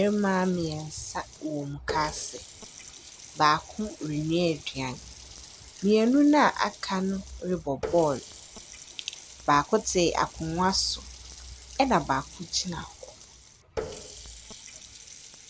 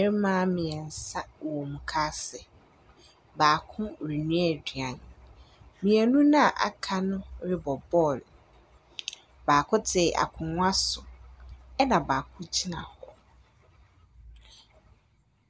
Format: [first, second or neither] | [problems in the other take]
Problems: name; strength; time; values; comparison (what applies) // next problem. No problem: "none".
second | background sound (Water tap, faucet); 16 dB below the speech